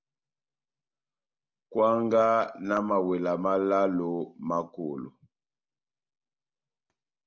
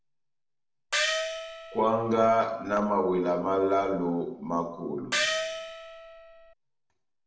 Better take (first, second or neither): first